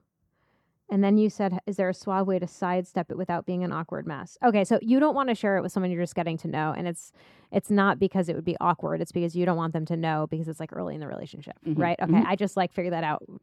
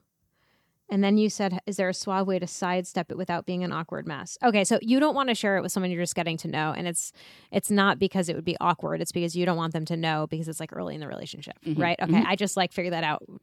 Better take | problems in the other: second | muffled; slightly; fading above 2.5 kHz

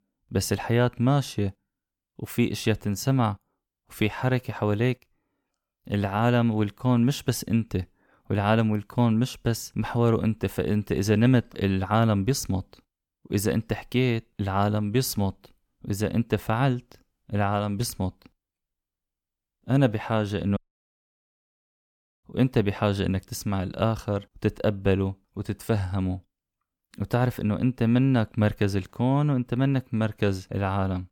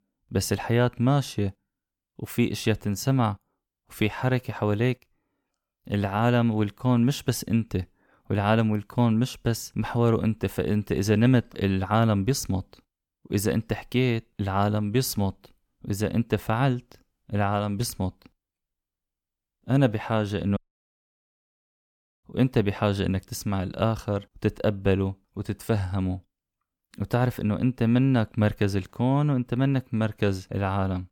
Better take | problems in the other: neither | audio cutting out; at 21 s for 1.5 s; the same in both

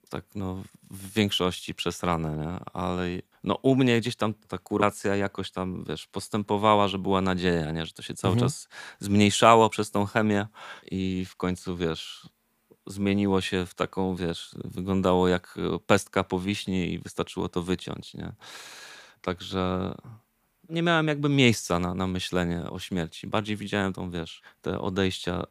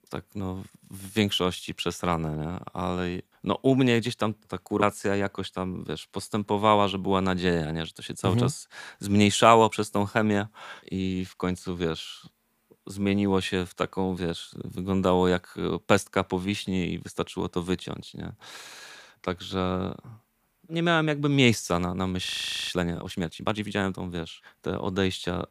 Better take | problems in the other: first | audio freezing; at 22 s

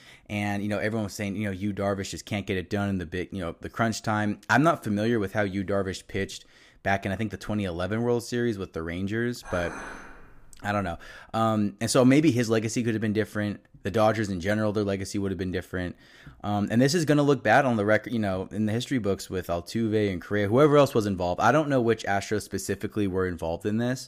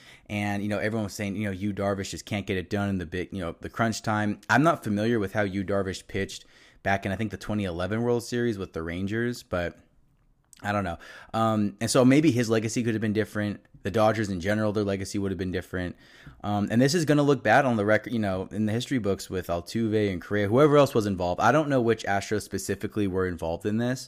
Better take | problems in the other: second | clattering dishes; faint; from 9.5 to 11 s; peak 10 dB below the speech

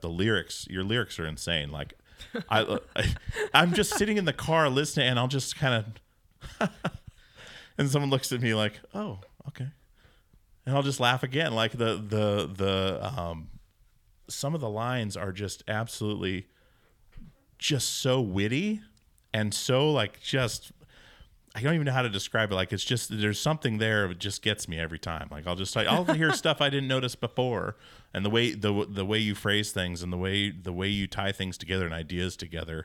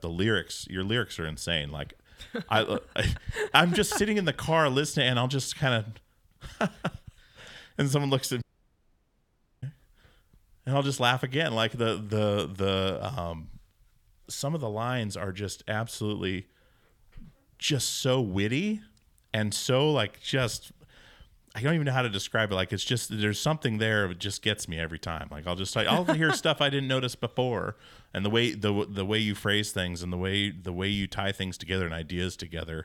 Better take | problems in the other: first | audio cutting out; at 8.5 s for 1 s

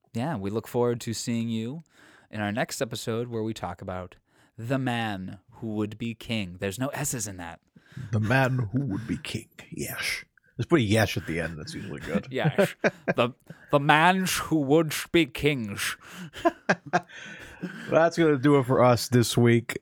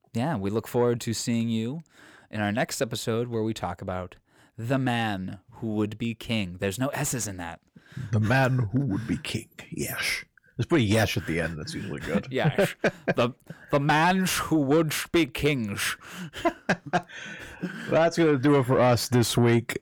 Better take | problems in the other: first | distortion; slight; 10 dB below the speech

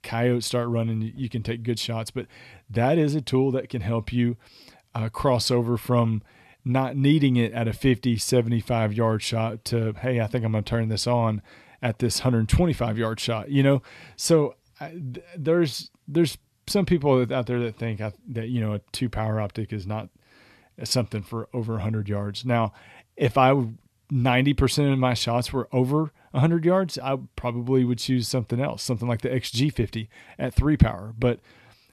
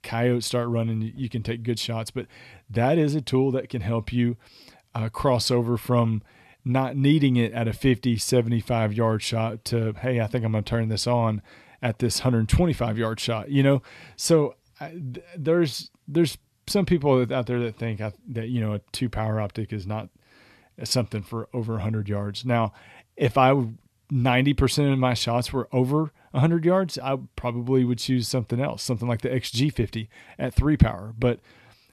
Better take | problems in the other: neither | none

